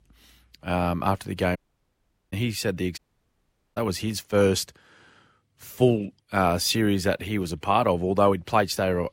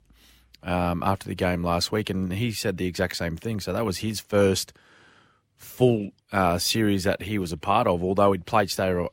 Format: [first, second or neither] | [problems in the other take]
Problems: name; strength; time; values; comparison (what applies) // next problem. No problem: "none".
second | audio cutting out; at 1.5 s for 1 s and at 3 s for 1 s